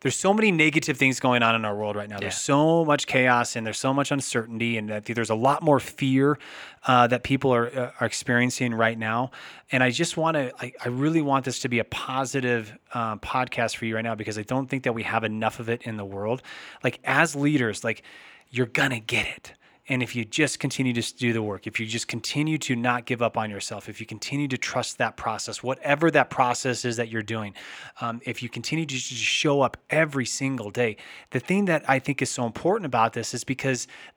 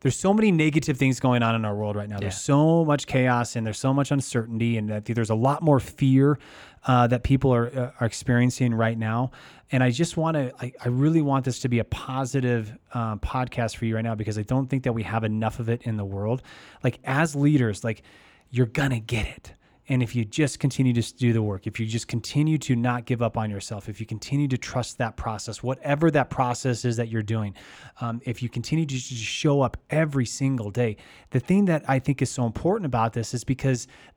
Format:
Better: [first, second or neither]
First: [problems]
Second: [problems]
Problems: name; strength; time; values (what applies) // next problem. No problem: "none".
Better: second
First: thin; very slightly; fading below 800 Hz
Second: none